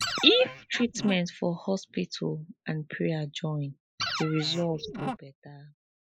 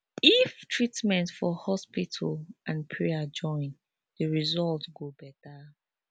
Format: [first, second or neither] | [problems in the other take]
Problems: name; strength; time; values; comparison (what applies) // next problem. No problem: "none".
second | noise reduction (neural mask model Resemble Enhance denoiser)